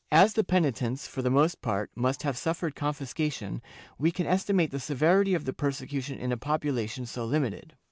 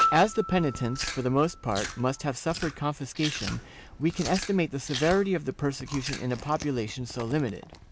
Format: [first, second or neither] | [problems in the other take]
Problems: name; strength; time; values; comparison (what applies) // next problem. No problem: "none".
first | background sound (Piano + Chewing, mastication); 8 dB below the speech